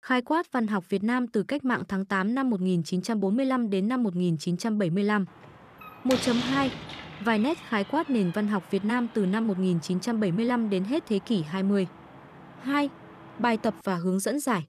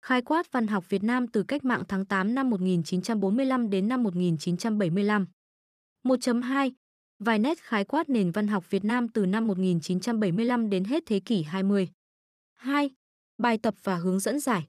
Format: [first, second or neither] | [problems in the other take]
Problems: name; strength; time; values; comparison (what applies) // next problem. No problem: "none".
second | door banging; noticeable; from 5.5 to 14 s; peak 3 dB below the speech